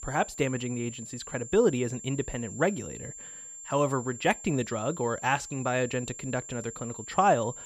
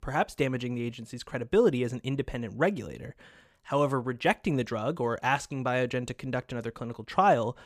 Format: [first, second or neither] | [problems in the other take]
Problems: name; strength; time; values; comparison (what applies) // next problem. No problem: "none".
second | high-pitched whine; noticeable; throughout; 7.5 kHz, 10 dB below the speech